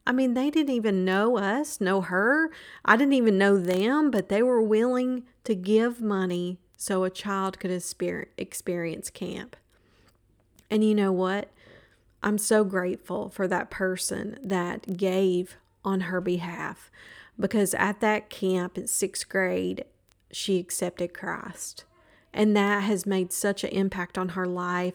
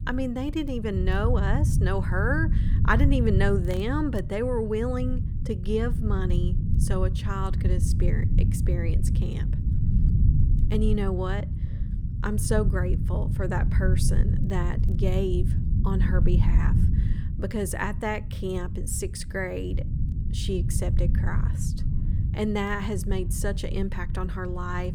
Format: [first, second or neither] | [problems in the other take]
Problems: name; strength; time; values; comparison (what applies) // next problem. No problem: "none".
first | low rumble; loud; throughout; 9 dB below the speech